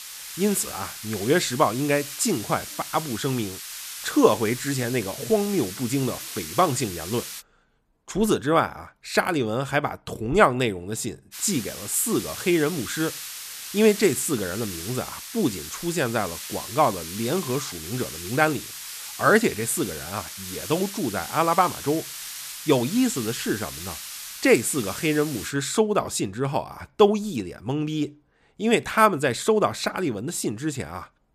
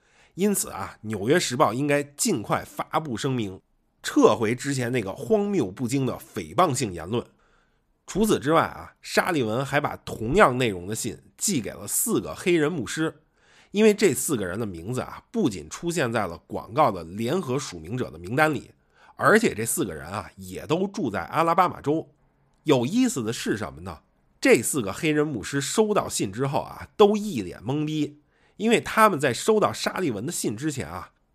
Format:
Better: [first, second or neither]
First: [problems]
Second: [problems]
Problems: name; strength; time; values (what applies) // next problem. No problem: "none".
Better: second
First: hiss; loud; until 7.5 s and from 11 to 26 s; 10 dB below the speech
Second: none